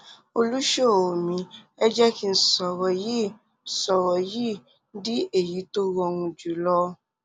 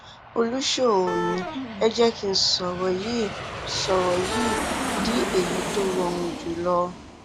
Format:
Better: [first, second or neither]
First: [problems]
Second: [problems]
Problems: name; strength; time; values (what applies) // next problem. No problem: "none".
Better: first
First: none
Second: background sound (Aircraft + Wind instrument, woodwind instrument); 5 dB below the speech